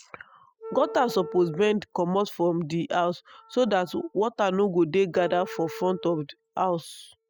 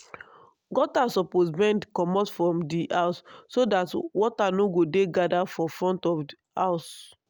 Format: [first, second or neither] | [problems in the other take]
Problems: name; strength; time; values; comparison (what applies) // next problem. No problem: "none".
second | noise reduction (classical method spectral subtraction)